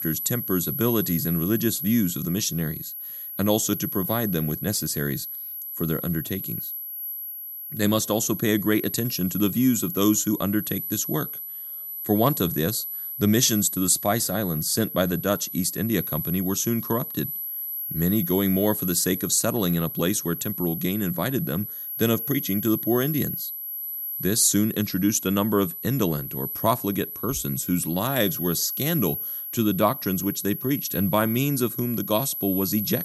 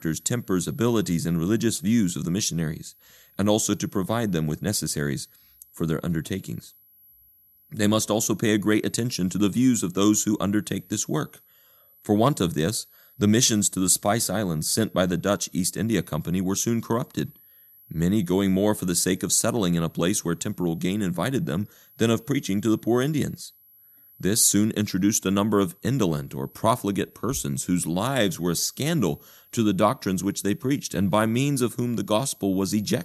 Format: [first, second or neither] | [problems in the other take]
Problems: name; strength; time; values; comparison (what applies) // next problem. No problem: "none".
second | high-pitched whine; loud; throughout; 12 kHz, 6 dB below the speech; faint in the second